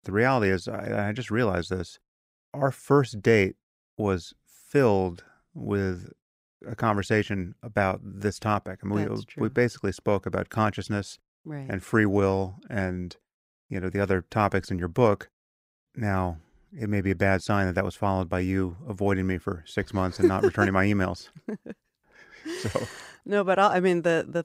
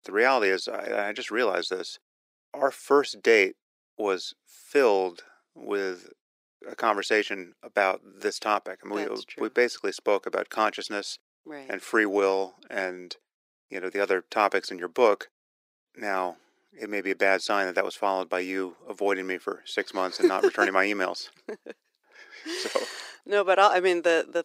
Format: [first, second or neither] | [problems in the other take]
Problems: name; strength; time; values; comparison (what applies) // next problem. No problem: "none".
first | thin; somewhat; fading below 350 Hz